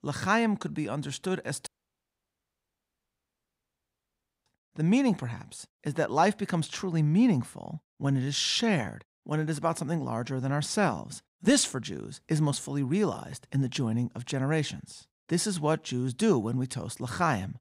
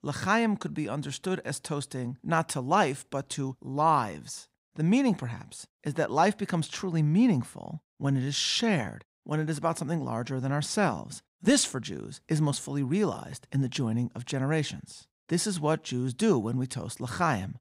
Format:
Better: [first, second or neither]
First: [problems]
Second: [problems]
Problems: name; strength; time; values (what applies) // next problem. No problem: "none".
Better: second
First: audio cutting out; at 1.5 s for 3 s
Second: none